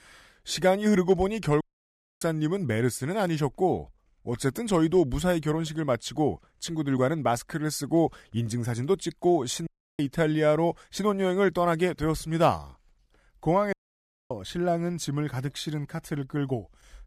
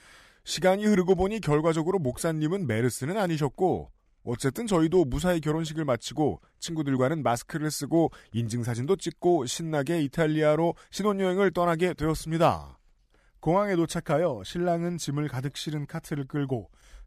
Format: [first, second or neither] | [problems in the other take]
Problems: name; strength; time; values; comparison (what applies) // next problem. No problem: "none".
second | audio cutting out; at 1.5 s for 0.5 s, at 9.5 s and at 14 s for 0.5 s